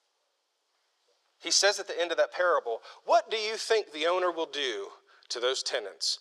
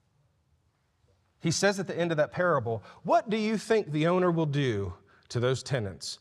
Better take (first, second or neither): second